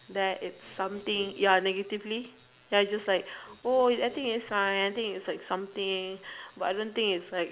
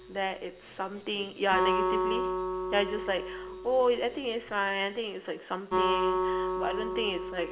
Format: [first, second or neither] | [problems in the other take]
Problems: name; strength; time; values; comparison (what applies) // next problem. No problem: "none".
first | background sound (Acoustic guitar); 1 dB below the speech // room echo; dies away in 0.6 s